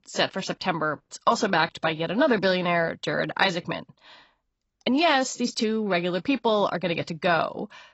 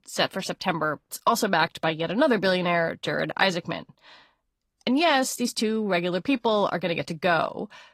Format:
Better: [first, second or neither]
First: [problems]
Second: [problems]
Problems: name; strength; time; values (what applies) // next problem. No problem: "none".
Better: second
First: garbled, watery; badly; nothing above 8 kHz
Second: garbled, watery; slightly; nothing above 13.5 kHz